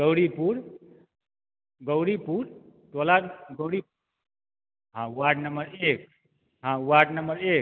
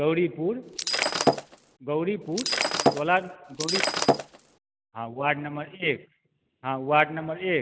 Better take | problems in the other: first | background sound (Shatter); 2 dB above the speech

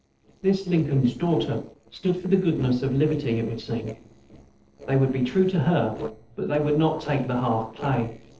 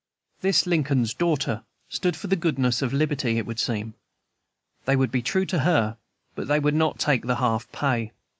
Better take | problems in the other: second | noise reduction (neural separator model SepFormer DNS4)

